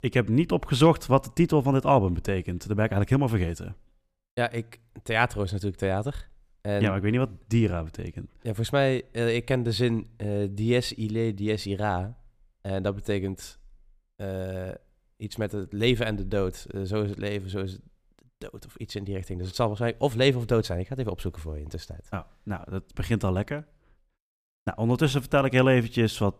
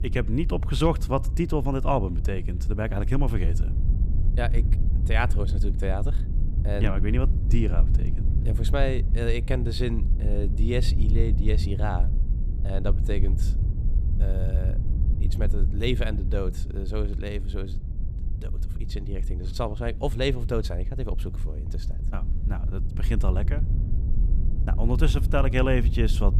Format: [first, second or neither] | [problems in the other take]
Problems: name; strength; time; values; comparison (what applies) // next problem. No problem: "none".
first | wind noise on the microphone; occasional gusts; 10 dB below the speech